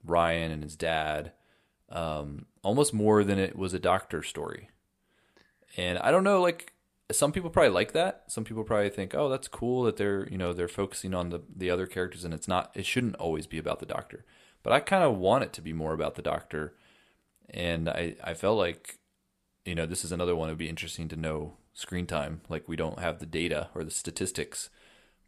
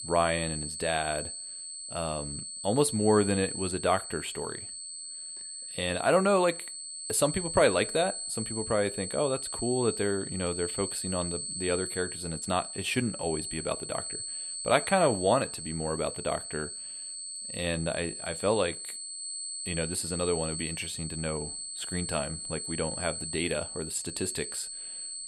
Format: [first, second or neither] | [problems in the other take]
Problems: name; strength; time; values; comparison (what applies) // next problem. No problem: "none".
first | high-pitched whine; loud; throughout; 8 kHz, 5 dB below the speech